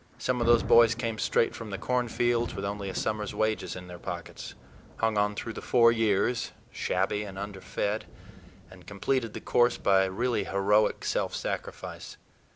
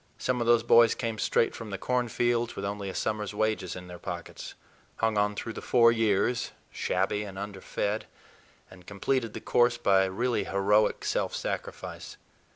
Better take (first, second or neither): second